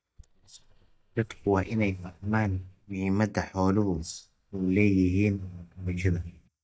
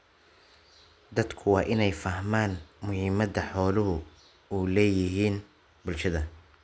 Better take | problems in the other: second | noise reduction (neural mask model DeepFilterNet 3)

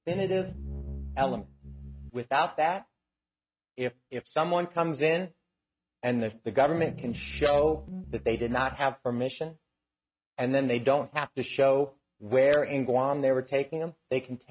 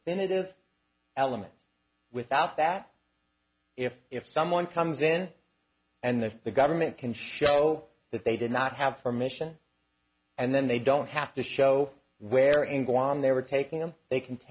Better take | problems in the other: second | noise reduction (neural mask model RNNoise)

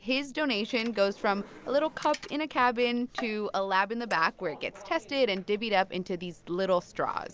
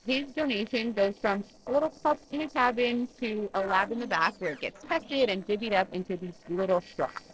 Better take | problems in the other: first | noise reduction (neural separator model SepFormer DNS4)

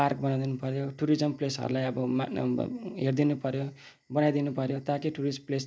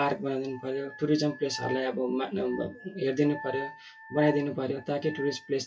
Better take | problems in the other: first | noise reduction (classical method WPE with log-MMSE)

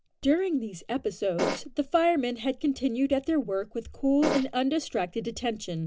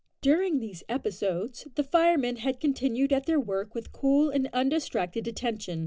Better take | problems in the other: second | background sound (Fart); 2 dB below the speech

